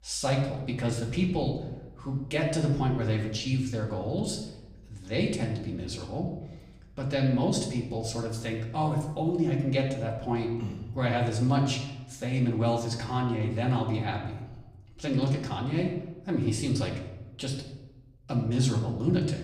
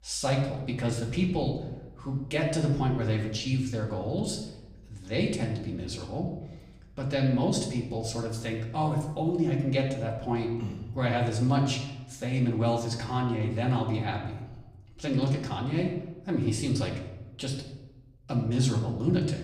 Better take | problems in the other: neither | room echo; slight; dies away in 0.8 s; the same in both // off-mic speech; far; the same in both

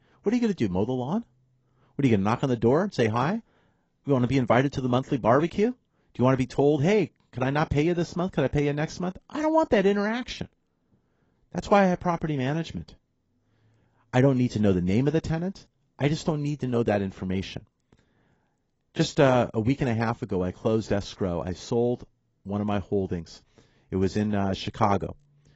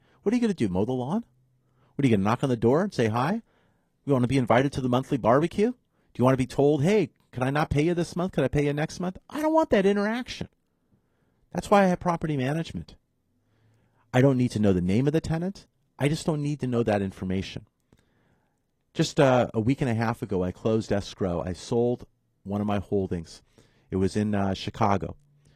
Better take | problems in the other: second | garbled, watery; badly; nothing above 7.5 kHz; slightly in the second

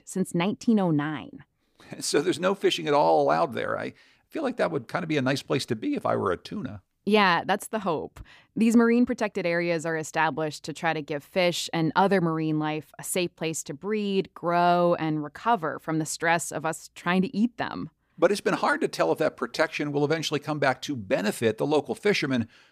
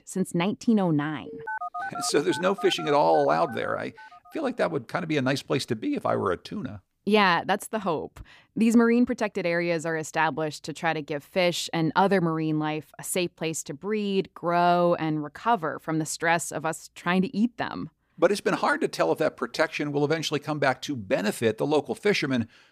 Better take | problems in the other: first | phone ringing; noticeable; from 1.5 to 4.5 s; peak 7 dB below the speech

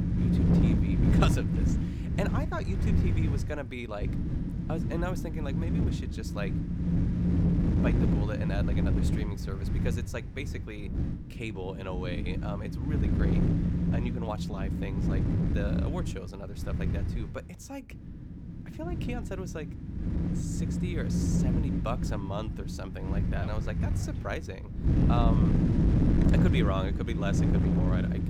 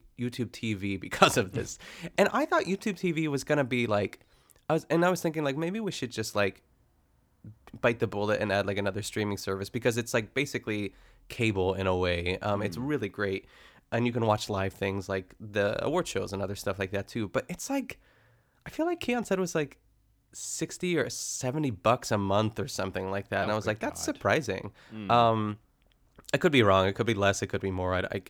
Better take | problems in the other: second | wind noise on the microphone; heavy; 1 dB above the speech

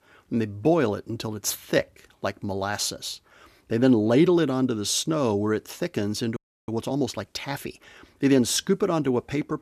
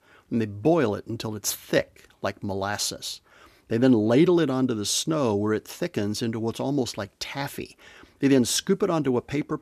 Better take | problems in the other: second | audio freezing; at 6.5 s

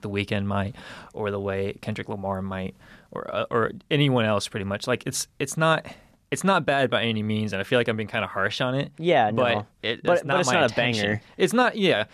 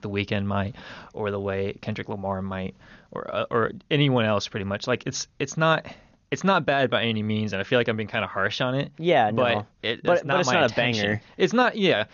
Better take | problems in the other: first | garbled, watery; slightly; nothing above 6.5 kHz

